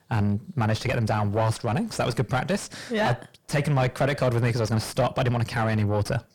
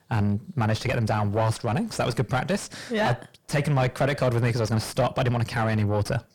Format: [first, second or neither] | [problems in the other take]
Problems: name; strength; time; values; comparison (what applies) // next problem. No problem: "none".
neither | distortion; heavy; 5 dB below the speech; the same in both